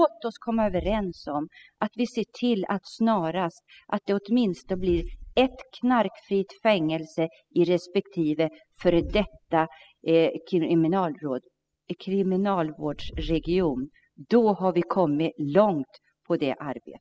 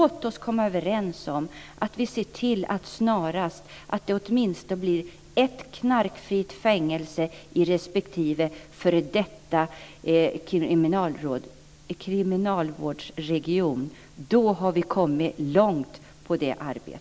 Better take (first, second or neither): second